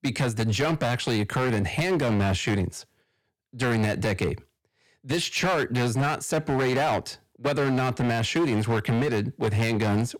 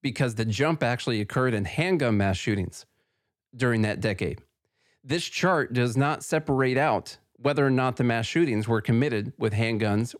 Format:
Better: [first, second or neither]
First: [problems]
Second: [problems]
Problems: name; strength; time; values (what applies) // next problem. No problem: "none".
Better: second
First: distortion; heavy; 17% of the sound clipped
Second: none